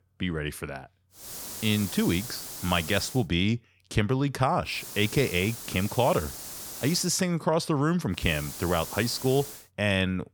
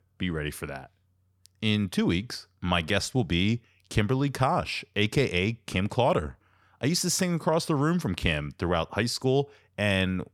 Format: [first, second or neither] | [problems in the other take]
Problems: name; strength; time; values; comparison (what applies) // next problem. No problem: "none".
second | hiss; noticeable; from 1 to 3 s, from 4.5 to 7 s and from 8 to 9.5 s; 10 dB below the speech